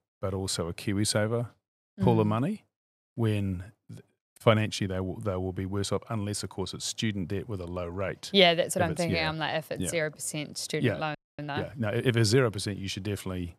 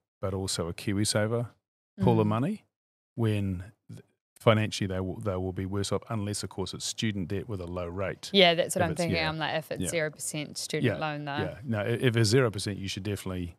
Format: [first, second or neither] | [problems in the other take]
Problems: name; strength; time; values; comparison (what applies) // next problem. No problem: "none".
second | audio freezing; at 11 s